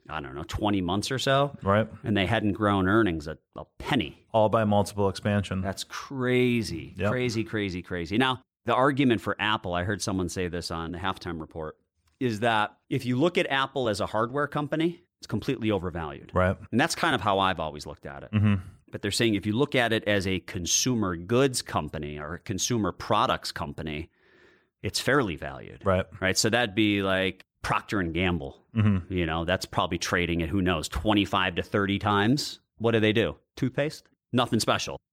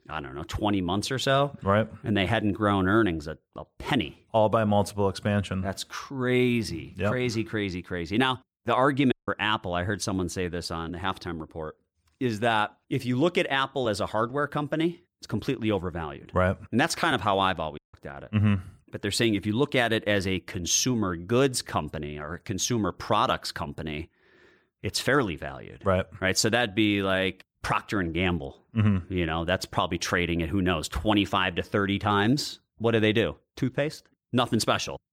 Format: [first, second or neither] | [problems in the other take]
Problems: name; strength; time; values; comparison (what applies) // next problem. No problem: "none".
first | audio cutting out; at 9 s and at 18 s